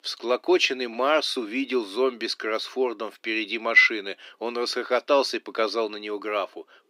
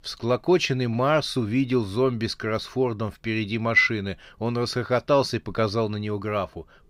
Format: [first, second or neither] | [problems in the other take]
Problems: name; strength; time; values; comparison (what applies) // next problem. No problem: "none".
second | thin; somewhat; fading below 300 Hz